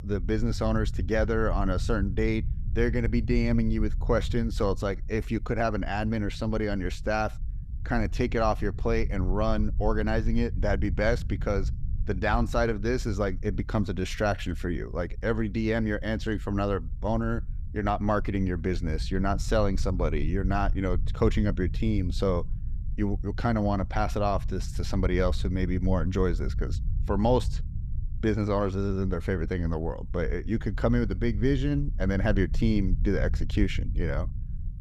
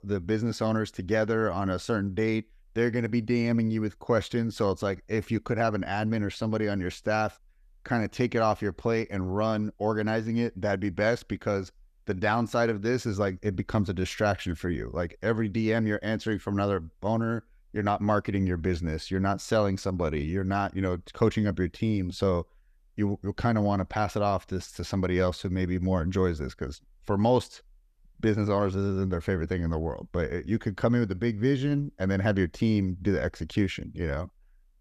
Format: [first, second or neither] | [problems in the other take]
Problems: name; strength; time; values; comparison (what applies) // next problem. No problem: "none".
second | low rumble; faint; throughout; 20 dB below the speech